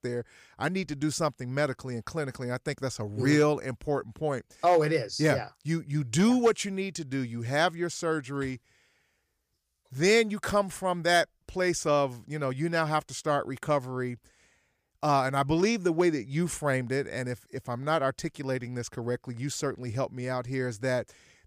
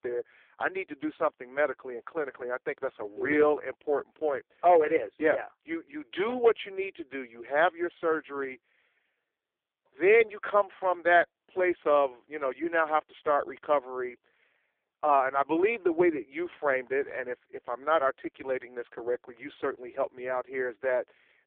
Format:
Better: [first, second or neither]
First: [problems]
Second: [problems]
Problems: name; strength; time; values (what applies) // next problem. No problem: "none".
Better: first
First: none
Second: phone-call audio; poor line